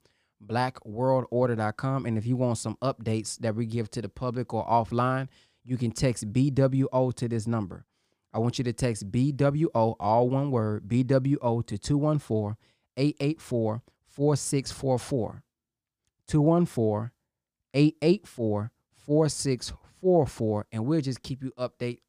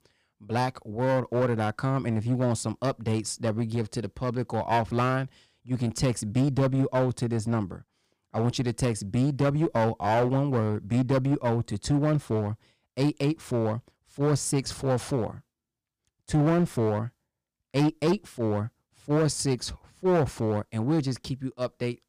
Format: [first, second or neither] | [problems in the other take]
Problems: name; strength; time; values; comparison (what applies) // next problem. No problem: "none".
first | distortion; slight; 8% of the sound clipped